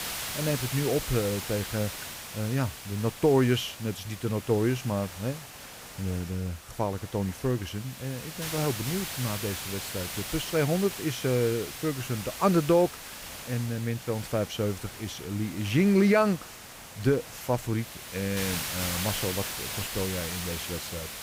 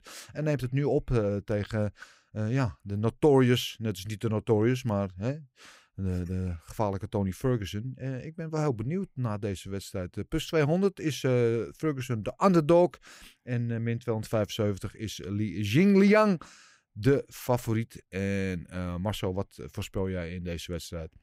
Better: second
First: hiss; loud; throughout; 7 dB below the speech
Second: none

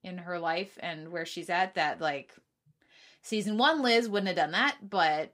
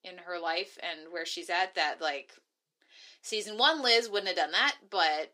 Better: first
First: none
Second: thin; somewhat; fading below 350 Hz

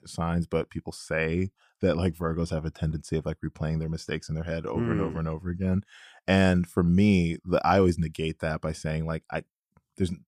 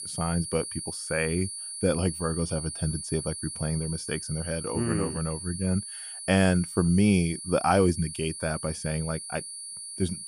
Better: first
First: none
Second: high-pitched whine; loud; throughout; 10.5 kHz, 7 dB below the speech

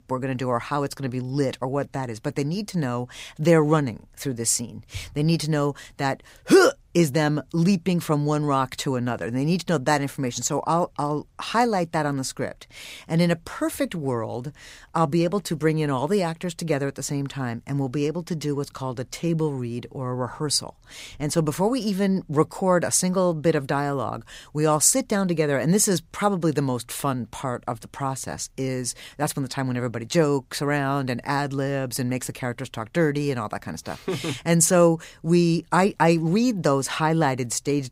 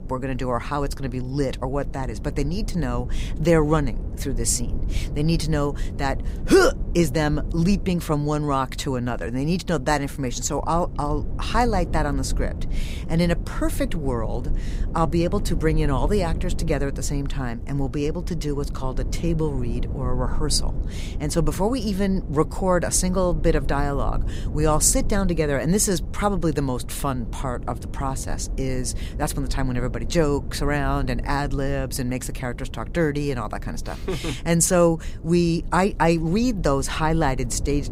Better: first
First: none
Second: low rumble; noticeable; throughout; 20 dB below the speech

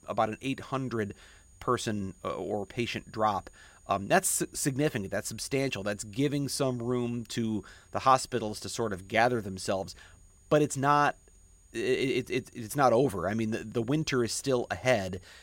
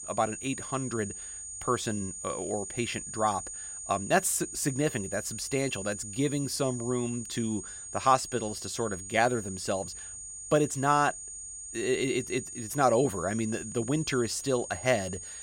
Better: first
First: high-pitched whine; faint; throughout; 7 kHz, 30 dB below the speech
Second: high-pitched whine; loud; throughout; 7 kHz, 8 dB below the speech

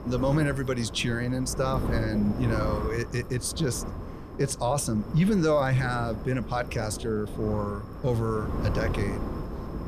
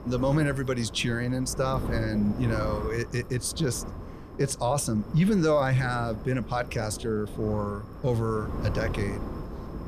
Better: second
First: wind noise on the microphone; heavy; 9 dB below the speech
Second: wind noise on the microphone; occasional gusts; 10 dB below the speech

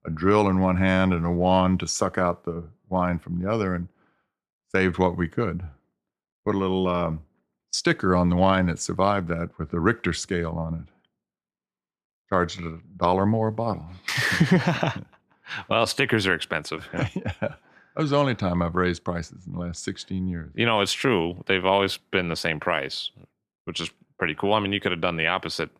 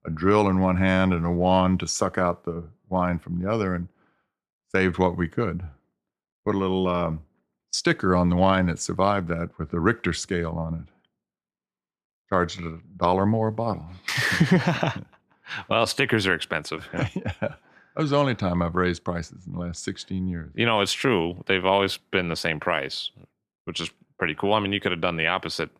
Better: neither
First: none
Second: none

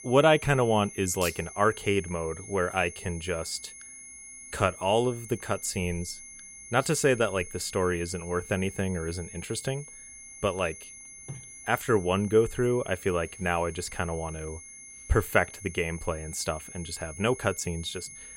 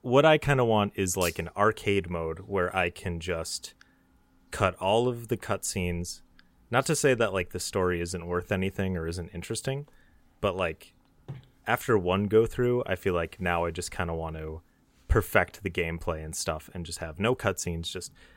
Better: second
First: high-pitched whine; noticeable; throughout; 10 kHz, 15 dB below the speech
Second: none

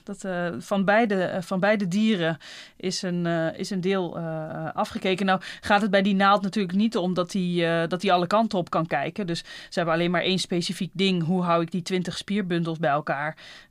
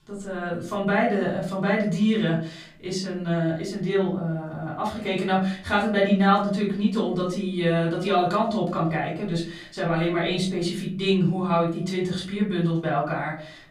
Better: first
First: none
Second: off-mic speech; far // room echo; slight; dies away in 0.5 s

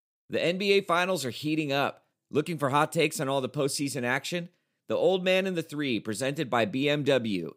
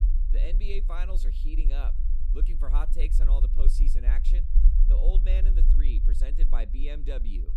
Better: first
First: none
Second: low rumble; loud; throughout; 7 dB below the speech

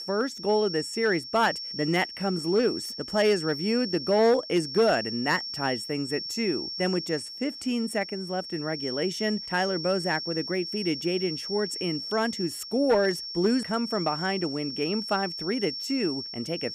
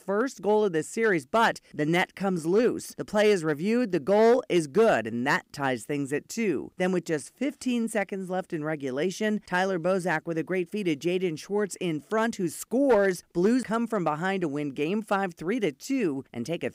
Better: second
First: high-pitched whine; loud; throughout; 5.5 kHz, 6 dB below the speech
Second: none

